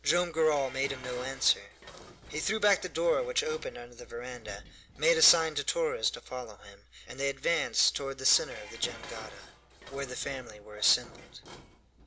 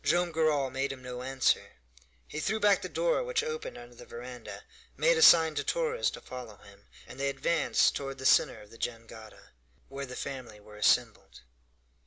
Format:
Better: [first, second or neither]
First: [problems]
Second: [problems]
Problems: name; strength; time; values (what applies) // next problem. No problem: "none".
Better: second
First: background sound (Dishes, pots, and pans); 18 dB below the speech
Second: none